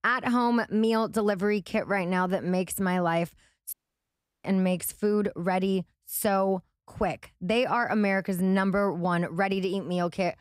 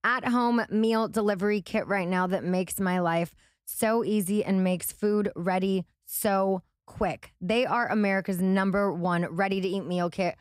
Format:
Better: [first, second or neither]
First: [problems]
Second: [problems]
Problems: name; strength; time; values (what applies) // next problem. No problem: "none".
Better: second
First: audio cutting out; at 3.5 s for 0.5 s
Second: none